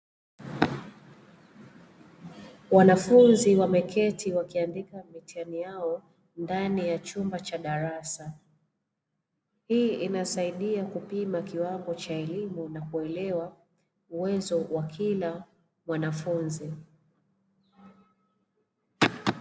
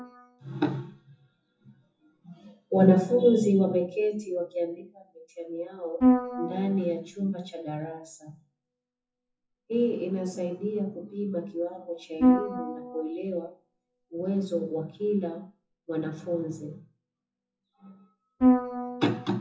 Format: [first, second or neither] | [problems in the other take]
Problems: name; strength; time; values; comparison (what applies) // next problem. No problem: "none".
first | noise reduction (classical method WPE with log-MMSE)